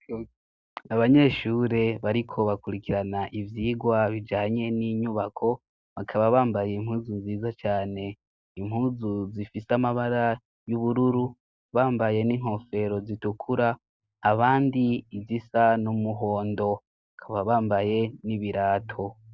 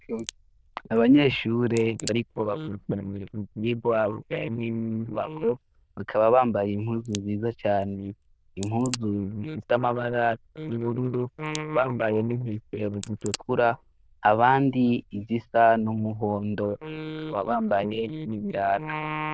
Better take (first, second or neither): first